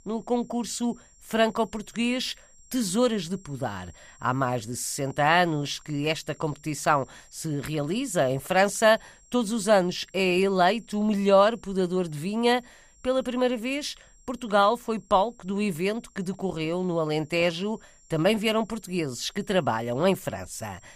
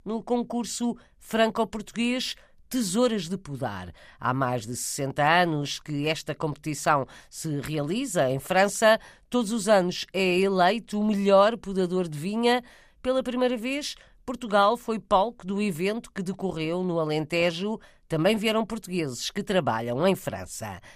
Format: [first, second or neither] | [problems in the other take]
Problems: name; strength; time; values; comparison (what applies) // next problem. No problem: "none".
second | high-pitched whine; faint; throughout; 7.5 kHz, 30 dB below the speech